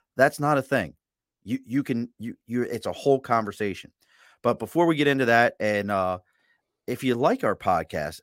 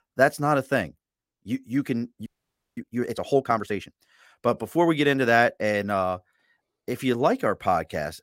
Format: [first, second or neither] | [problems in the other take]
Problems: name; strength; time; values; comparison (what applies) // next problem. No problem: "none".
first | audio freezing; at 2.5 s for 0.5 s